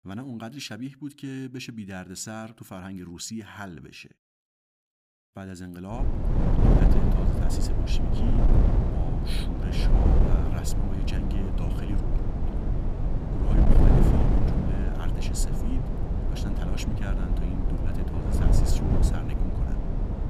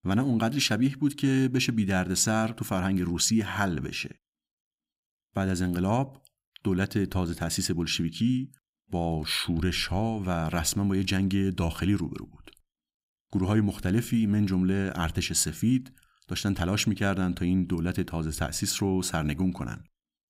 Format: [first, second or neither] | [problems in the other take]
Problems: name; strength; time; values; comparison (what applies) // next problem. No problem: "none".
second | wind noise on the microphone; heavy; from 6 s on; 4 dB above the speech